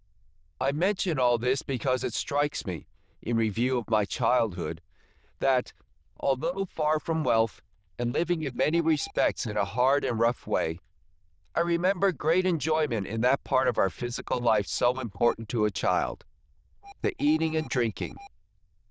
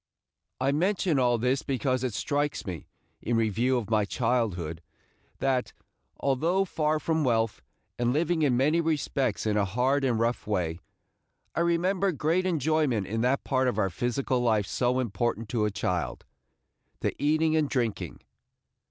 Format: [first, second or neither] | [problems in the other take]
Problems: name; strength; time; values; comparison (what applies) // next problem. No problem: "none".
second | noise reduction (neural diffusion model UNIVERSE++)